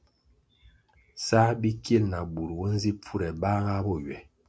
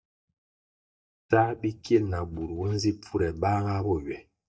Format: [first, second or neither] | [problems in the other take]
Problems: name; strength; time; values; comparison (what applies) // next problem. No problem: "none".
first | noise reduction (neural mask model DeepFilterNet 3)